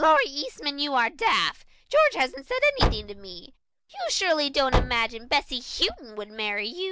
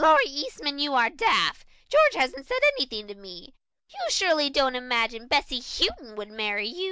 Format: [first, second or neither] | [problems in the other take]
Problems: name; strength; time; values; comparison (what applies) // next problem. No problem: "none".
second | background sound (Car); 4 dB below the speech